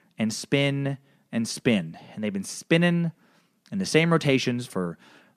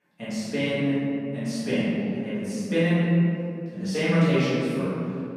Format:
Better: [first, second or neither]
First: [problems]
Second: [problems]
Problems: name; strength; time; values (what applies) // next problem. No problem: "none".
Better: first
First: none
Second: off-mic speech; far // room echo; strong; dies away in 2.6 s